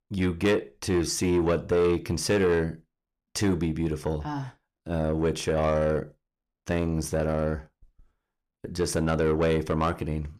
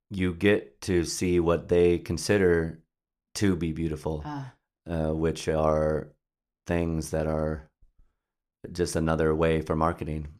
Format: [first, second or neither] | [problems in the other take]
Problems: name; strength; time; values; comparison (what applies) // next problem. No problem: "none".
second | distortion; slight; 10 dB below the speech